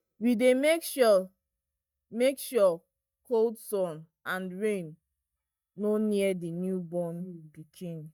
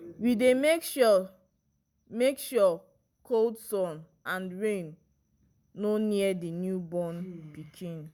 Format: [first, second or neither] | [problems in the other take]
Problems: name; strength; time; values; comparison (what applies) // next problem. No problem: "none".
second | noise reduction (neural mask model DeepFilterNet 3)